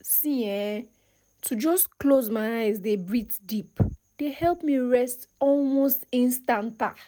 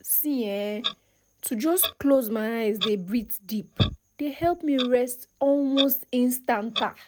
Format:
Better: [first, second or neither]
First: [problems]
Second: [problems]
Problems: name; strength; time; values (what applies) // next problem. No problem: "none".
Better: first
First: none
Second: background sound (Clock); 12 dB below the speech